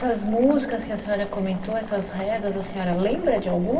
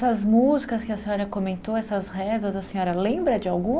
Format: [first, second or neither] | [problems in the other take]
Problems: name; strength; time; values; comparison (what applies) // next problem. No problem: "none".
second | background sound (Boiling); 17 dB below the speech // room echo; dies away in 1.9 s